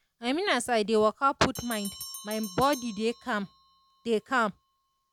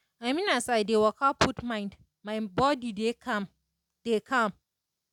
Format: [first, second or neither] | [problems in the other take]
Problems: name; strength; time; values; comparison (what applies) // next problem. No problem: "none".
second | background sound (Bell); 18 dB below the speech